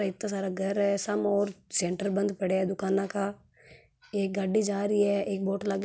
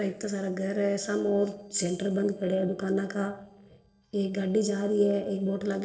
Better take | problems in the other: first | noise reduction (neural separator model SepFormer DNS4)

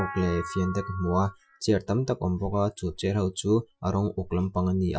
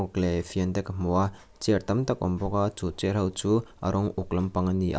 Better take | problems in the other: second | noise reduction (classical method Wiener filter)

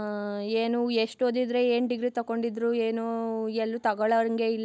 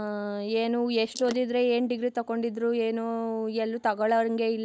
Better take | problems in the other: first | noise reduction (neural mask model Resemble Enhance denoiser)

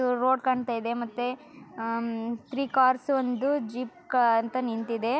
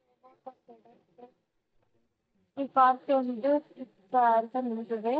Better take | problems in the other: first | noise reduction (neural mask model DeepFilterNet 3)

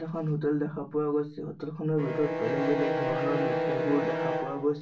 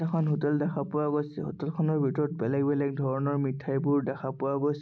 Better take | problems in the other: second | background sound (Bowed string instrument); 2 dB below the speech // room echo; dies away in 0.2 s

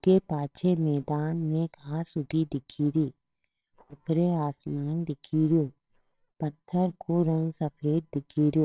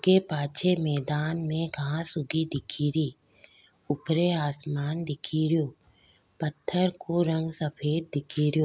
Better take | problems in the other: second | noise reduction (neural separator model SepFormer WHAMR!)

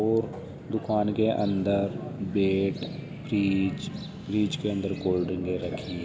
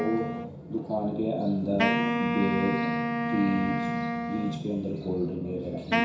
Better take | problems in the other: first | background sound (Wind instrument, woodwind instrument); 1 dB below the speech // room echo; dies away in 0.6 s

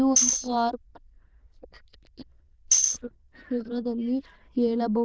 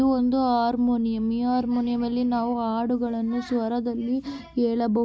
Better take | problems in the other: second | noise reduction (neural diffusion model UNIVERSE++)

